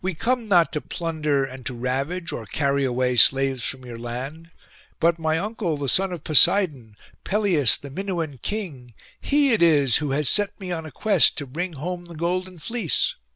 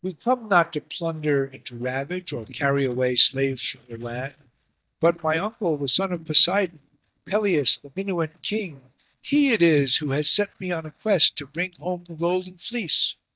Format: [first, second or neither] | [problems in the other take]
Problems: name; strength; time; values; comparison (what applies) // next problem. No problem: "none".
first | noise reduction (neural mask model DeepFilterNet 3)